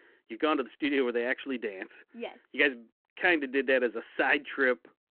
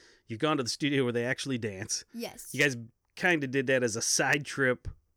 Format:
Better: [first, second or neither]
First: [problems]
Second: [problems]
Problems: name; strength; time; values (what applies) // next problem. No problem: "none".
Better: second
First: phone-call audio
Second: none